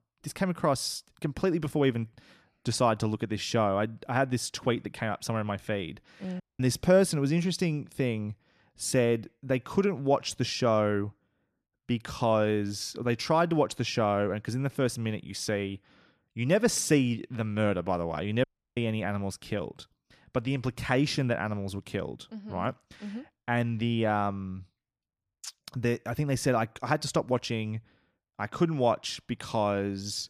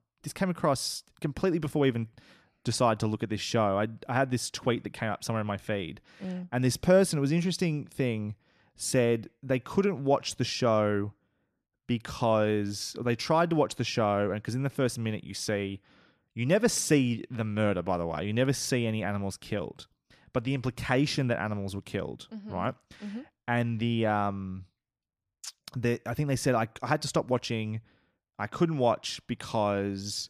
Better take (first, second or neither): second